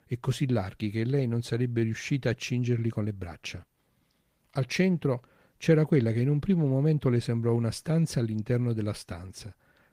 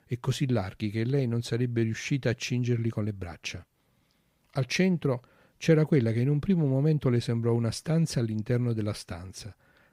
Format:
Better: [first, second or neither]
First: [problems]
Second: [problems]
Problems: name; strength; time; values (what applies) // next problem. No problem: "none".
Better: second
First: garbled, watery; slightly; nothing above 15.5 kHz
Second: none